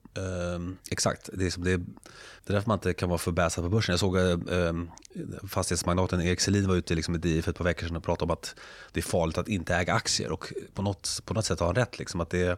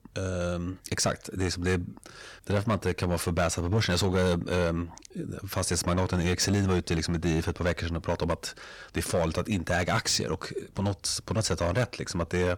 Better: first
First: none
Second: distortion; slight; 5% of the sound clipped

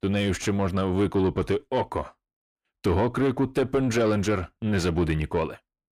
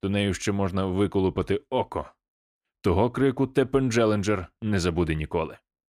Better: second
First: distortion; slight; 10 dB below the speech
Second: none

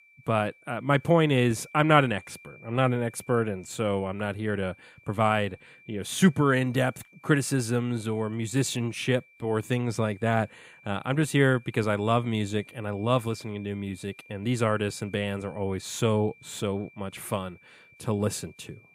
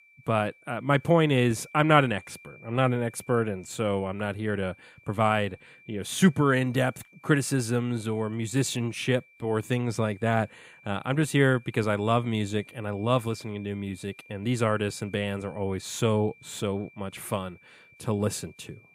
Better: neither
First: high-pitched whine; faint; throughout; 2.5 kHz, 25 dB below the speech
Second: high-pitched whine; faint; throughout; 2.5 kHz, 25 dB below the speech

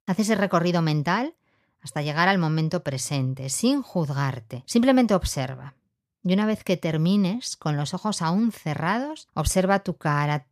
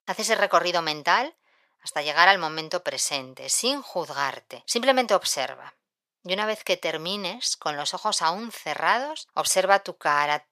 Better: first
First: none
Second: thin; very; fading below 650 Hz

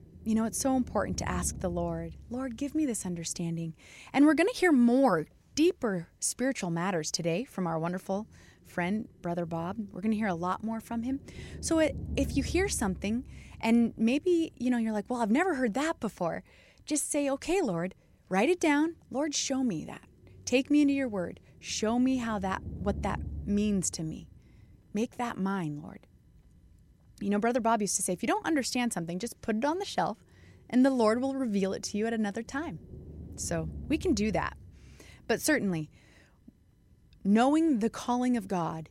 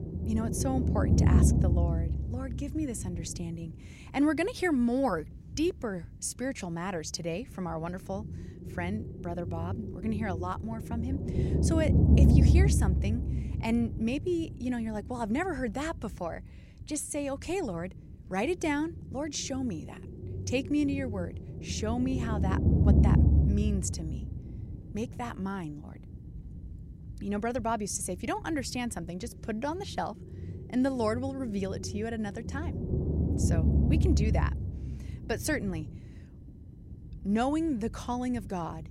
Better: first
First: low rumble; faint; throughout; 25 dB below the speech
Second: low rumble; loud; throughout; 5 dB below the speech

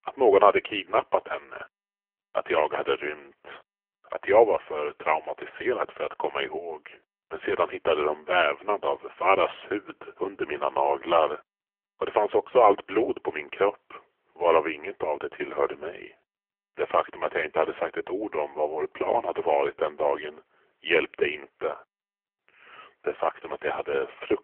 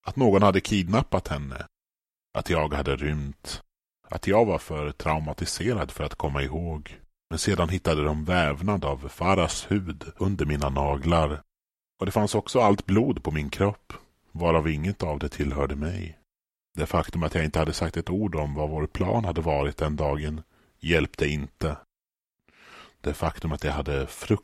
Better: second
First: phone-call audio; poor line; nothing above 3 kHz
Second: none

